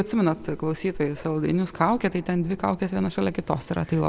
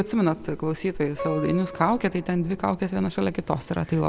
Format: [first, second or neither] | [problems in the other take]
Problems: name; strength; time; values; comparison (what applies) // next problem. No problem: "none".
first | background sound (Acoustic guitar); 12 dB below the speech